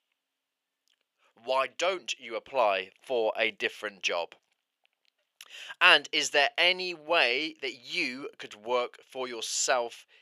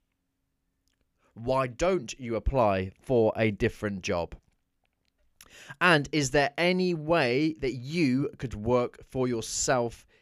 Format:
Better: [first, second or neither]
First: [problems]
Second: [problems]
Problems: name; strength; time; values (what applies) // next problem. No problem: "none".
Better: second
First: thin; very; fading below 650 Hz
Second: none